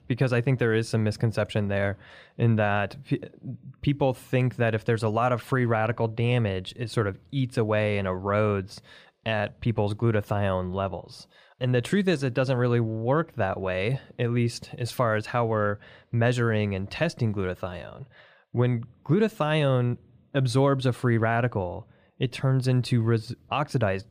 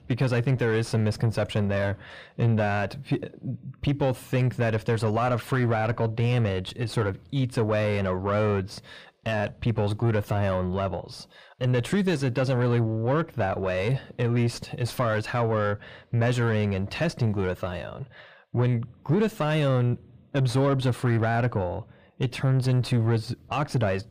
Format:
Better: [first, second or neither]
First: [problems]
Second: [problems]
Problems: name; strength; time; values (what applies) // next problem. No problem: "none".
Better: first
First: none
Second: distortion; slight; 9 dB below the speech